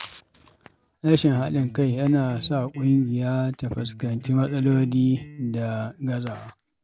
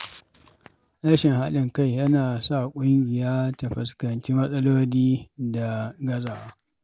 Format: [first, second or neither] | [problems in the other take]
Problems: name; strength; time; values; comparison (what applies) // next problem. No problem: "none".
second | background sound (Electric guitar); 15 dB below the speech